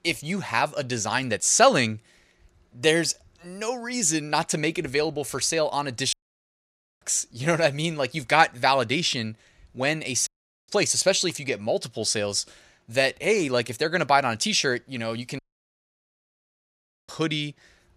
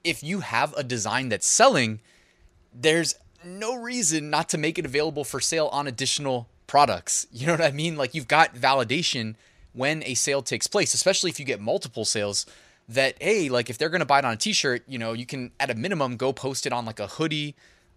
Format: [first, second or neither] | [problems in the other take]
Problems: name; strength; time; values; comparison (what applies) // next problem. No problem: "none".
second | audio cutting out; at 6 s for 1 s, at 10 s and at 15 s for 1.5 s